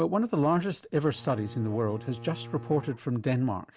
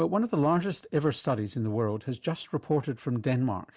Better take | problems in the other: second | background sound (Bowed string instrument); 16 dB below the speech

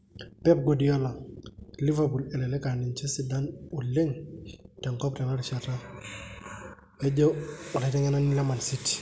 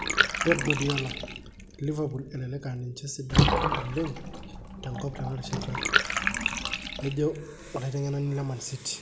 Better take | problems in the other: first | background sound (Bathtub (filling or washing) / Water); 2 dB above the speech

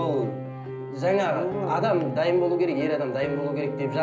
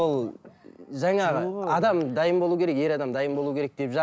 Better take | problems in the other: second | background sound (Piano); 9 dB below the speech // room echo; dies away in 0.5 s

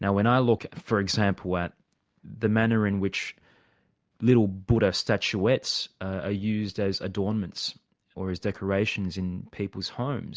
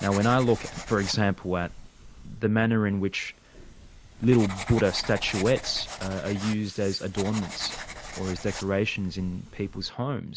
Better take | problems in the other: first | background sound (Writing); 13 dB below the speech

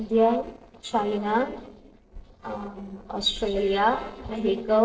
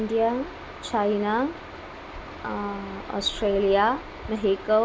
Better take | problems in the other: second | noise reduction (neural separator model SepFormer DNS4)

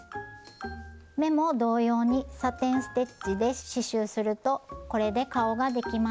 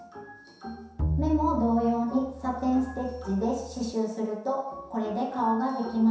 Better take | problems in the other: first | background sound (Bowed string instrument); 6 dB below the speech // room echo; dies away in 0.7 s

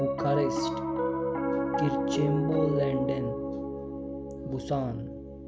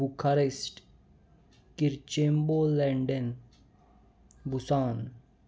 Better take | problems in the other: second | background sound (Piano); 2 dB above the speech

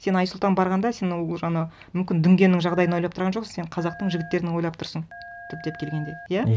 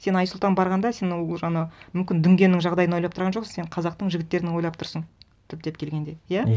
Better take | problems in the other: second | background sound (Telephone); 19 dB below the speech

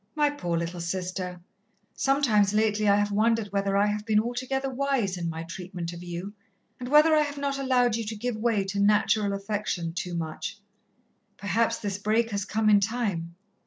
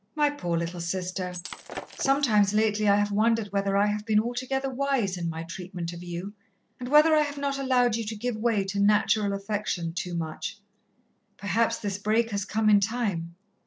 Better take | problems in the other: first | background sound (Shatter); 14 dB below the speech

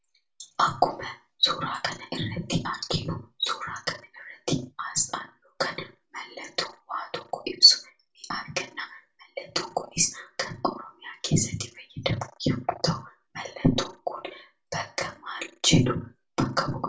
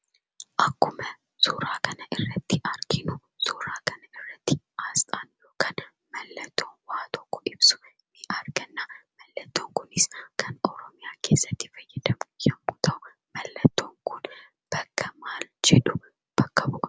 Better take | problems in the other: second | room echo; dies away in 0.2 s

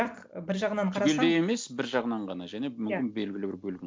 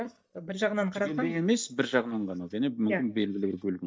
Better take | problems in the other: first | noise reduction (neural mask model DeepFilterNet 3)

